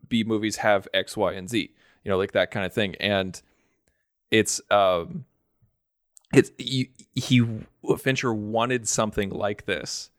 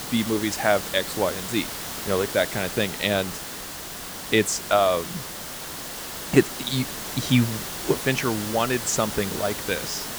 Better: first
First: none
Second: hiss; loud; throughout; 7 dB below the speech

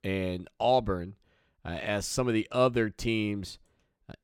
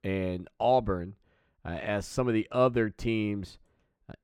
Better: first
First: none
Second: muffled; slightly; fading above 3 kHz

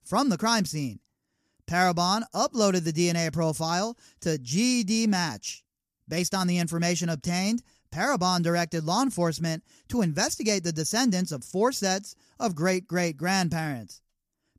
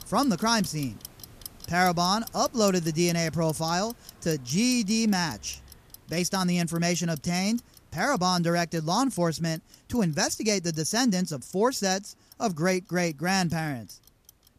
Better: first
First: none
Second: household noises; faint; throughout; 20 dB below the speech

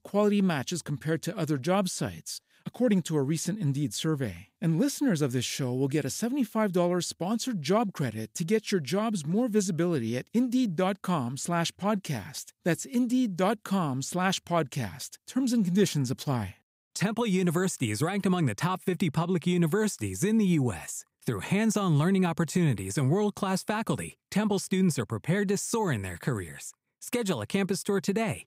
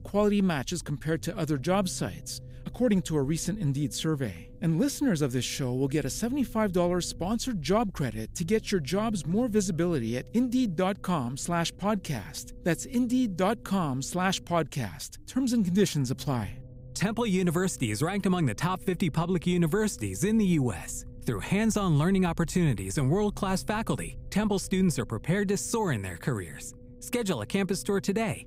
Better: first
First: none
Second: low rumble; faint; throughout; 25 dB below the speech

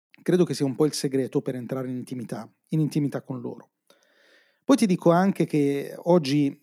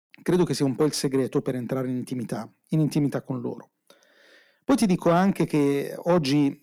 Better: first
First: none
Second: distortion; slight; 10 dB below the speech

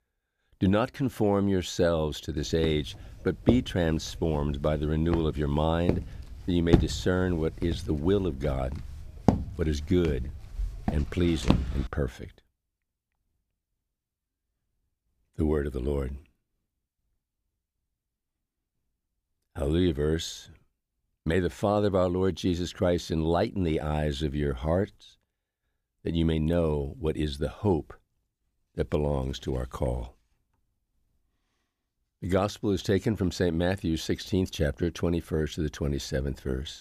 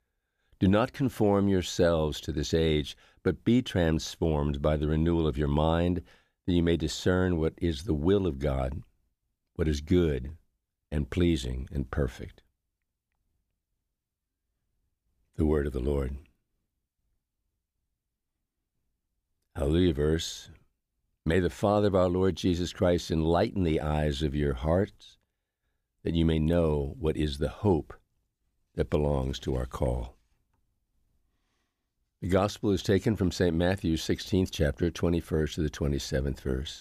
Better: second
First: footsteps; loud; from 2.5 to 12 s; peak 2 dB above the speech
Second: none

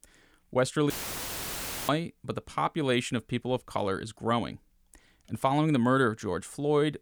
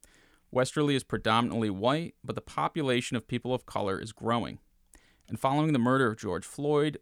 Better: second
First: audio cutting out; filled with static; at 1 s for 1 s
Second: none

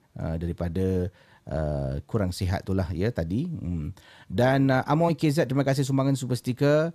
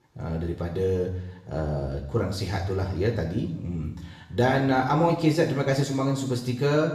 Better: first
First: none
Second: room echo; noticeable; dies away in 0.8 s // off-mic speech; somewhat distant

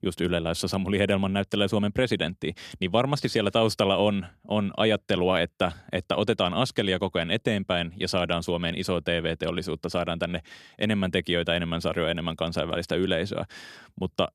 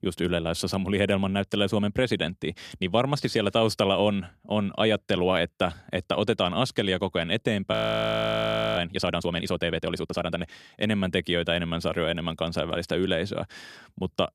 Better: first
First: none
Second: audio freezing; at 7.5 s for 1 s

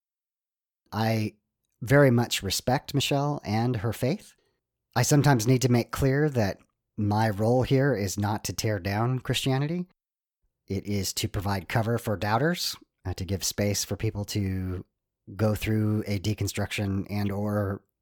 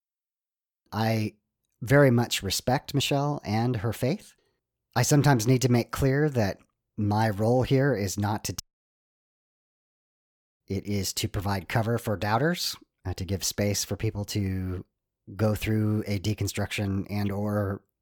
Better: first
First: none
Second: audio cutting out; at 8.5 s for 2 s

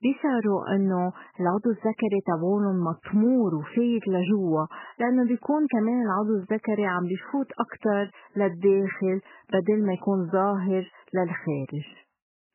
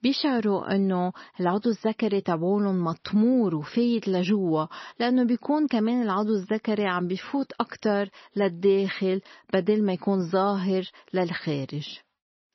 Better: second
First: garbled, watery; badly; nothing above 3 kHz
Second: garbled, watery; slightly; nothing above 5.5 kHz

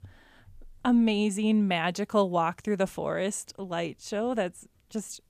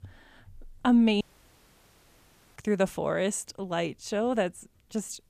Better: first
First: none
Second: audio cutting out; at 1 s for 1.5 s

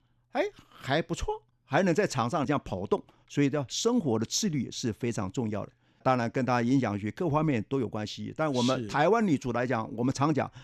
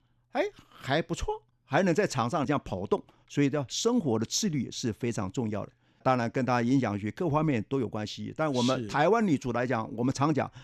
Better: neither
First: none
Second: none

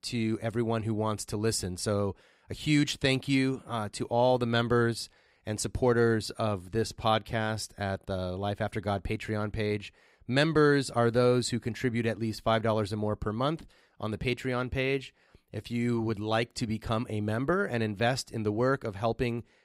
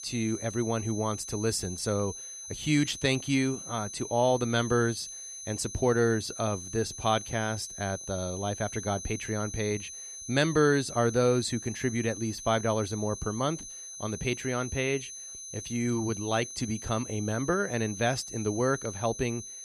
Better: first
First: none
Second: high-pitched whine; loud; throughout; 6 kHz, 9 dB below the speech

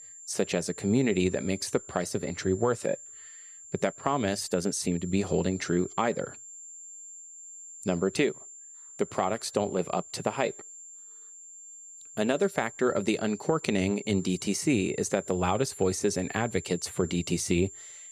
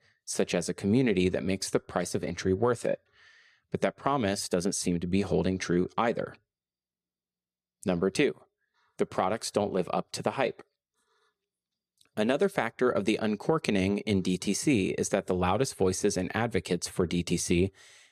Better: second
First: high-pitched whine; noticeable; throughout; 7.5 kHz, 15 dB below the speech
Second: none

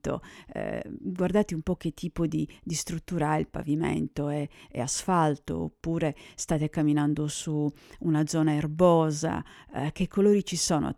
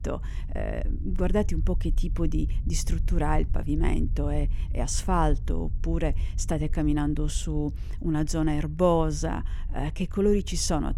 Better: first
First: none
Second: low rumble; faint; throughout; 20 dB below the speech

